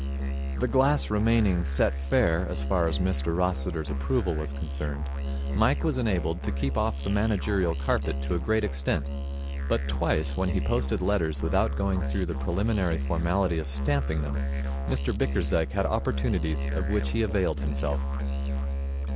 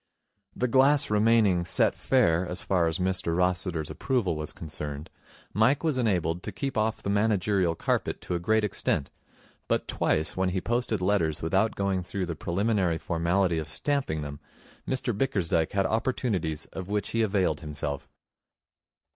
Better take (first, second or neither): second